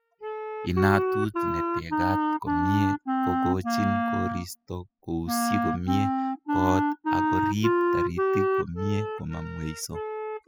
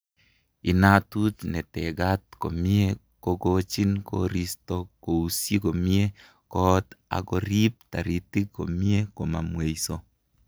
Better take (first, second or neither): second